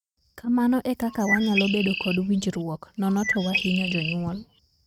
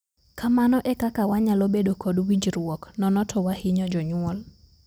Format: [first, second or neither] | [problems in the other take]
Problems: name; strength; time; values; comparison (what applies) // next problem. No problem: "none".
second | noise reduction (neural mask model RNNoise)